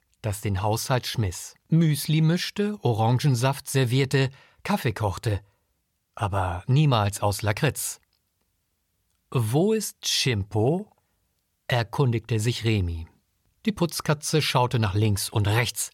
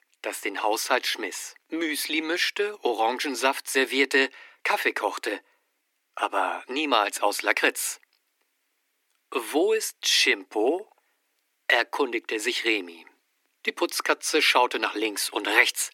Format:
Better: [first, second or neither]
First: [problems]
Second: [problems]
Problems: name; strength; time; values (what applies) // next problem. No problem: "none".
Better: first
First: none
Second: thin; very; fading below 250 Hz